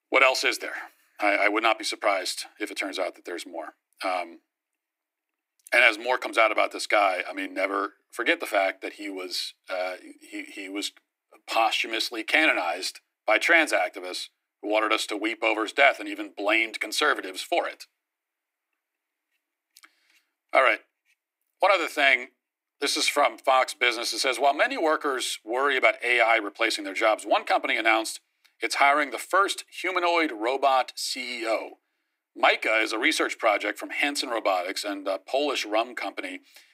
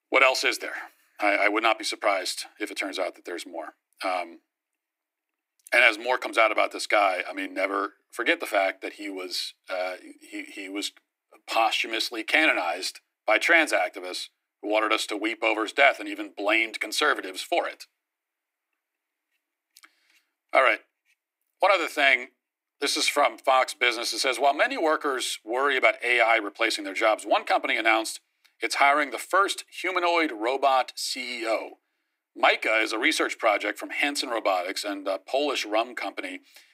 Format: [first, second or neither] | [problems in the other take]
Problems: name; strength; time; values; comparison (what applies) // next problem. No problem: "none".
neither | thin; very; fading below 300 Hz; the same in both